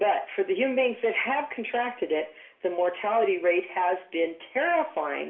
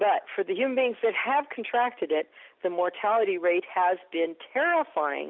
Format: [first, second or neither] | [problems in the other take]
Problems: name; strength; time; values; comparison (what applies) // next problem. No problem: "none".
second | room echo; dies away in 0.4 s